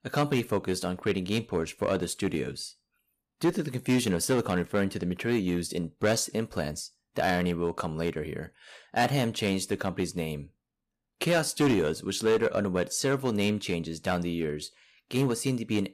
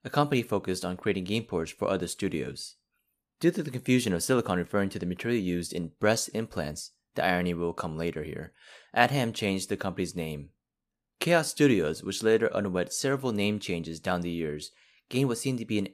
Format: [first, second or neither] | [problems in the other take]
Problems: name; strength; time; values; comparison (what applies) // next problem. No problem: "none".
second | distortion; slight; 4% of the sound clipped